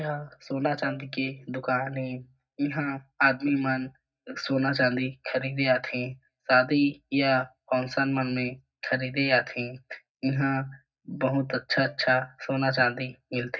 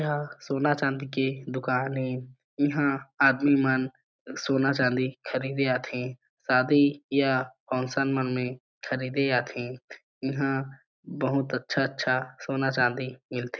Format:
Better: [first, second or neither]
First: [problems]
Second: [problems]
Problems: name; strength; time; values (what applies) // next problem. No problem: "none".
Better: second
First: noise reduction (neural mask model DeepFilterNet 3)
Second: none